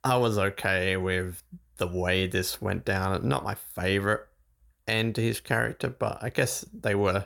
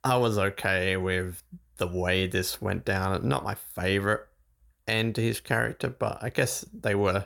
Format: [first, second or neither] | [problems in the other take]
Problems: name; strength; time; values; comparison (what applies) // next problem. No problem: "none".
neither | none